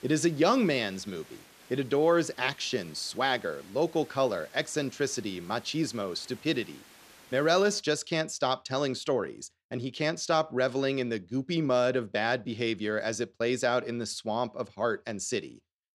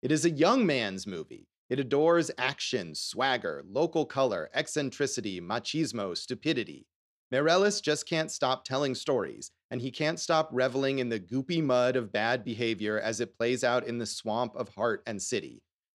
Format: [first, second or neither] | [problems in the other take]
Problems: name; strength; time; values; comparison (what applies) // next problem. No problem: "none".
second | hiss; faint; until 8 s; 25 dB below the speech